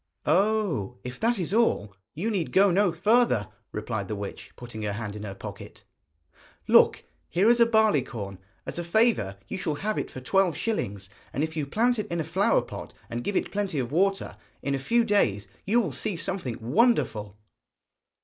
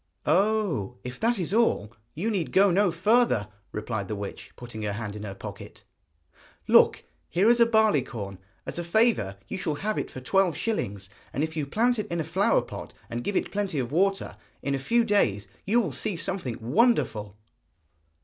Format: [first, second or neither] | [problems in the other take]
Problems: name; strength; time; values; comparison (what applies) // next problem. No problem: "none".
second | noise reduction (neural mask model Resemble Enhance denoiser)